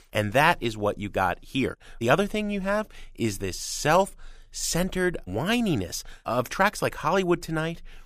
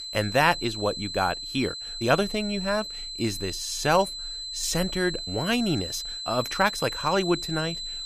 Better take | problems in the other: first | high-pitched whine; loud; throughout; 4 kHz, 6 dB below the speech

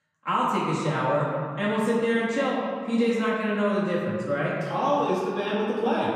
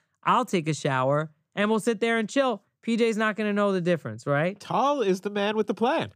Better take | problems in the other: second | room echo; noticeable; dies away in 1.8 s // off-mic speech; far

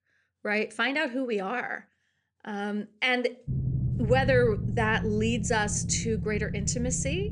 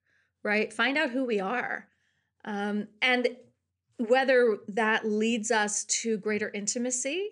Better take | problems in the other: second | low rumble; noticeable; from 3.5 s on; 15 dB below the speech

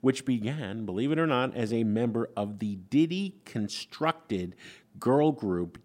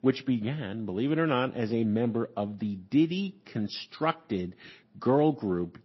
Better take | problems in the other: first | garbled, watery; slightly; nothing above 5.5 kHz

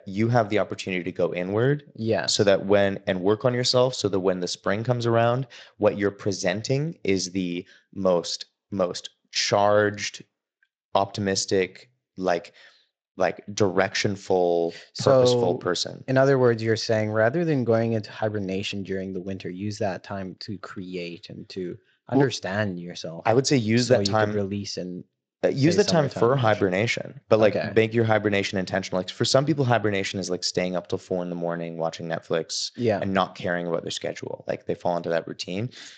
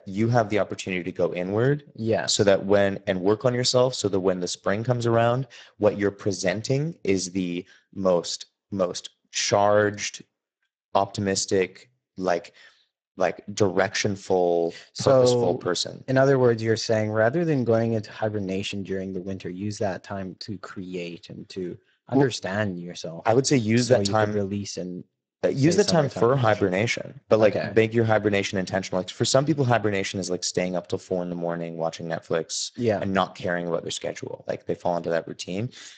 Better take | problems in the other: first | garbled, watery; badly; nothing above 8 kHz; slightly in the first

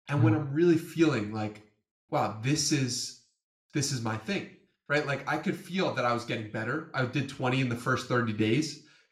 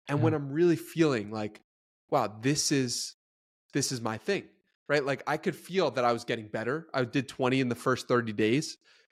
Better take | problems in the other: second | room echo; very slight; dies away in 0.4 s // off-mic speech; somewhat distant

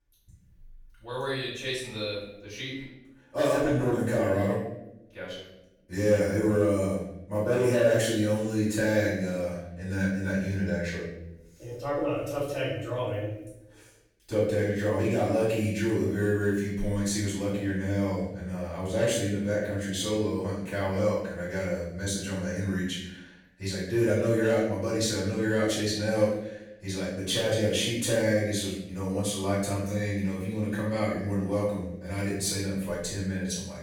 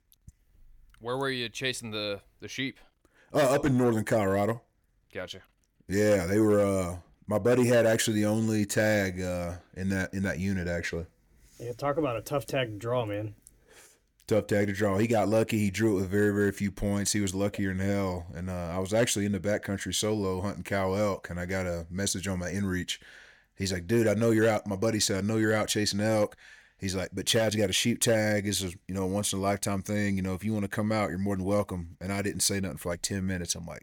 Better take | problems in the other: second | off-mic speech; far // room echo; noticeable; dies away in 0.7 s

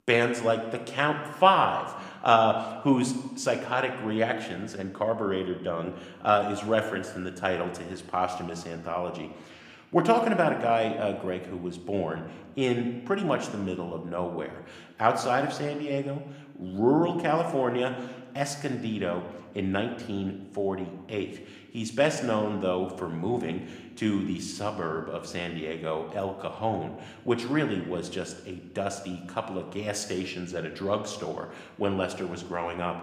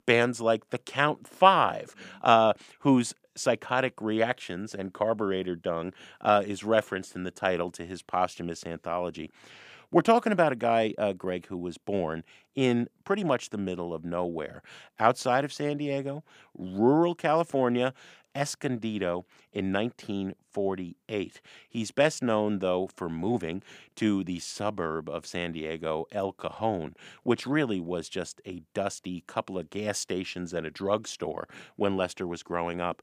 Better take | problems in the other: second | room echo; slight; dies away in 1 s

